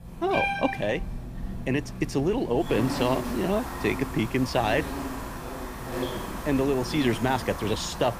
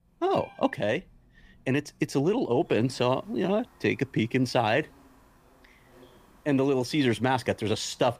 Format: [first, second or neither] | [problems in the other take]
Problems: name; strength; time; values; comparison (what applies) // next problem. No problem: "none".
second | animal sounds; loud; throughout; 6 dB below the speech; faint in the second